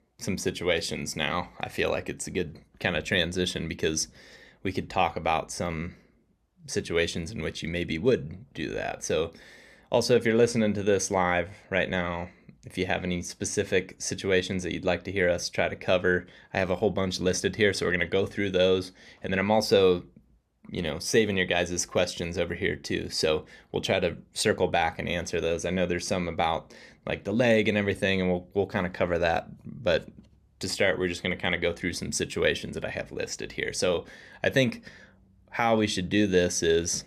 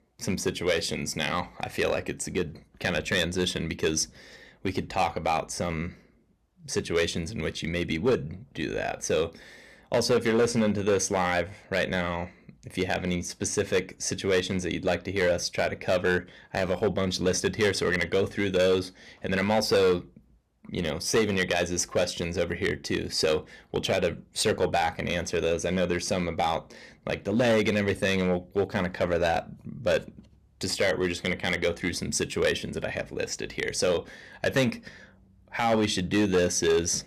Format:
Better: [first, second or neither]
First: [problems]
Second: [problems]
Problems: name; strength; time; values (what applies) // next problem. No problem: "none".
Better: first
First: none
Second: distortion; slight; 4% of the sound clipped